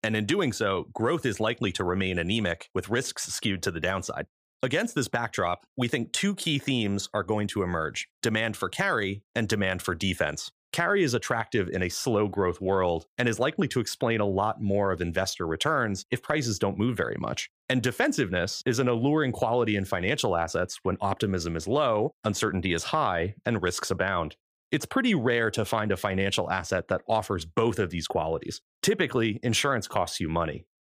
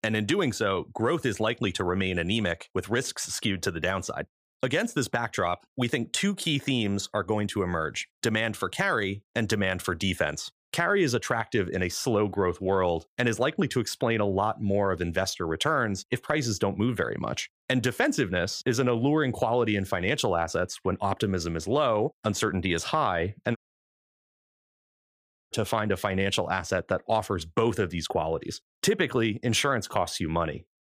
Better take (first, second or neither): first